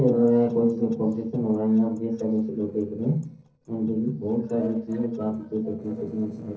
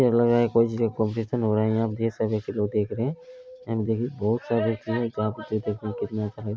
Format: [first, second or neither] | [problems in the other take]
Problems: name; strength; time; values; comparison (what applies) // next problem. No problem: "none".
second | noise reduction (neural separator model SepFormer DNS4)